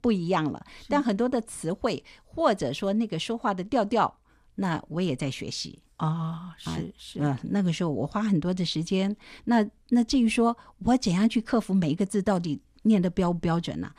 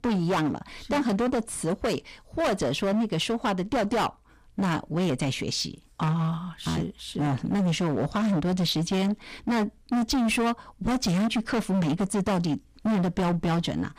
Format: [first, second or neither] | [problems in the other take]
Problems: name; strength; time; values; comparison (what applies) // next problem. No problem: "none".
first | distortion; heavy; 23% of the sound clipped